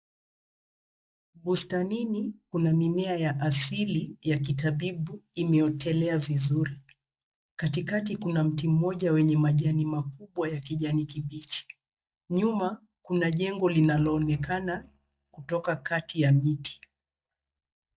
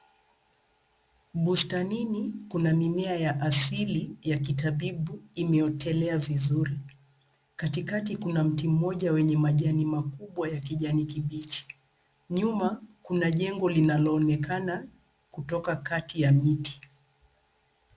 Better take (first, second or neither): second